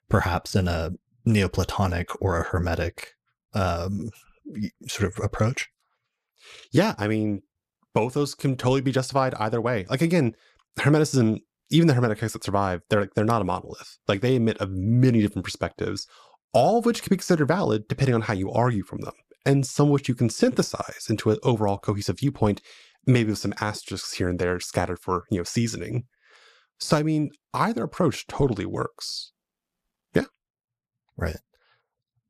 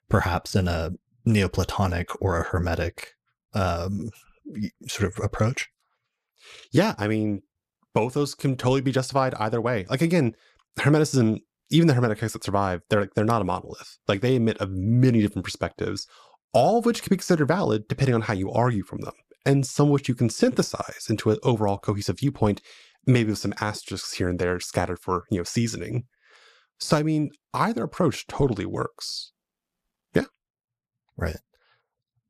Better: neither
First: none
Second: none

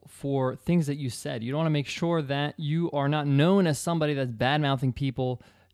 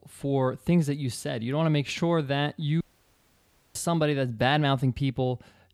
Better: first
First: none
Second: audio cutting out; at 3 s for 1 s

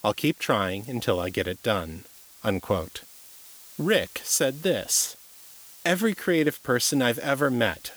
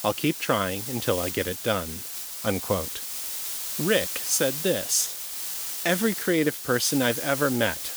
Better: first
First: hiss; faint; throughout; 20 dB below the speech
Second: hiss; loud; throughout; 5 dB below the speech

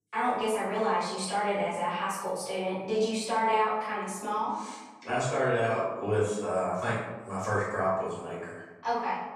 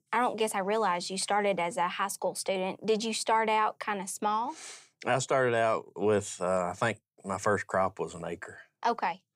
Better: second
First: off-mic speech; far // room echo; noticeable; dies away in 1 s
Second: none

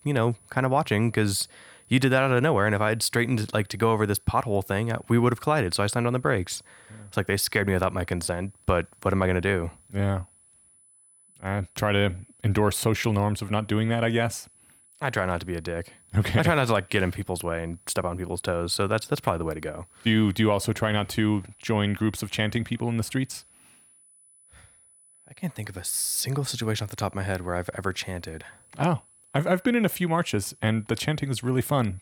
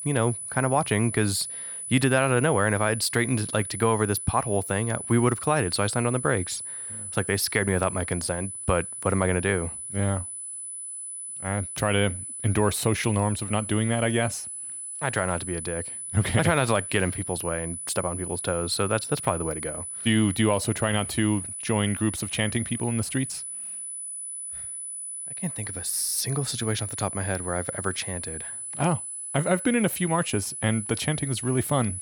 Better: first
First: high-pitched whine; faint; throughout; 10 kHz, 30 dB below the speech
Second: high-pitched whine; loud; throughout; 10 kHz, 6 dB below the speech

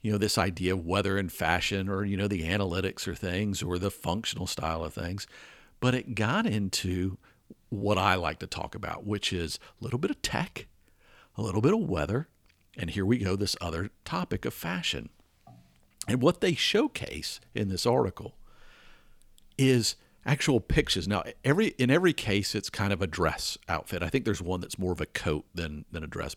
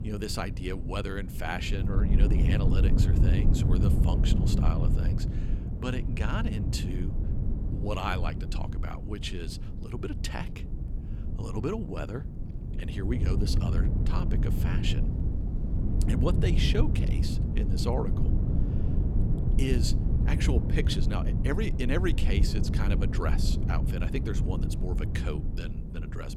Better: first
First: none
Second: low rumble; loud; throughout; 4 dB below the speech

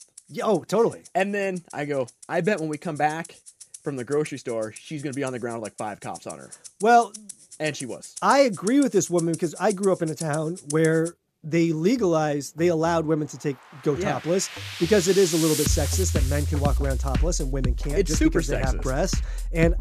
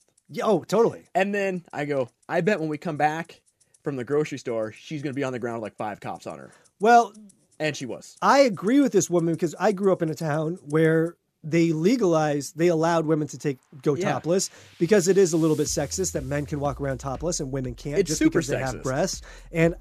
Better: second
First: background music; loud; throughout; 6 dB below the speech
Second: background music; faint; throughout; 25 dB below the speech

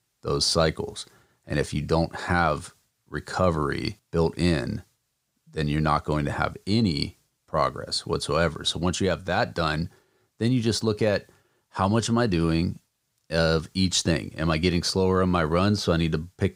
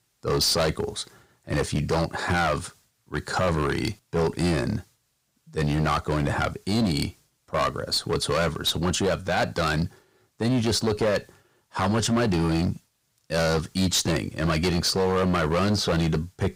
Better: first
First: none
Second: distortion; heavy; 12% of the sound clipped

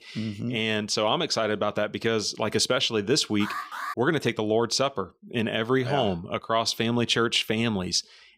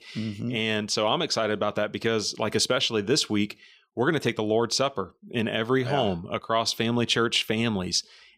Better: second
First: alarm; noticeable; at 3.5 s; peak 7 dB below the speech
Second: none

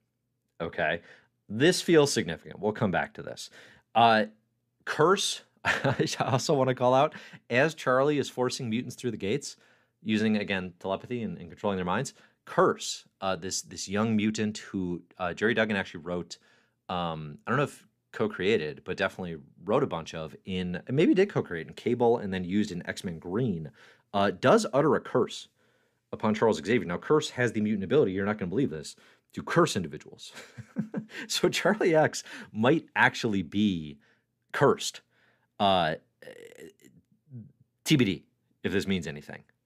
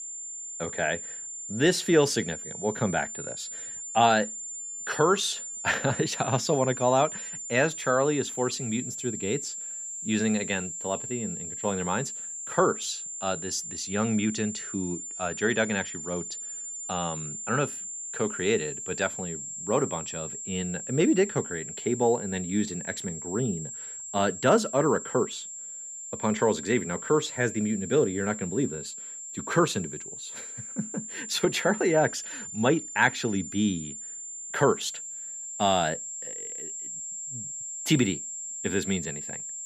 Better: first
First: none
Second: high-pitched whine; loud; throughout; 7 kHz, 7 dB below the speech

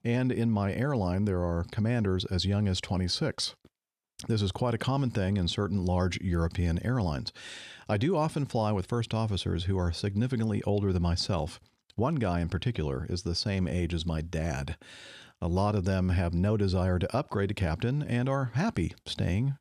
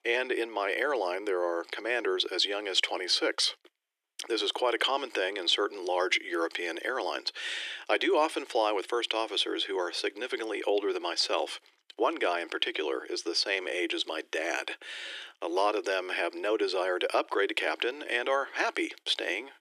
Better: first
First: none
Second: thin; very; fading below 300 Hz

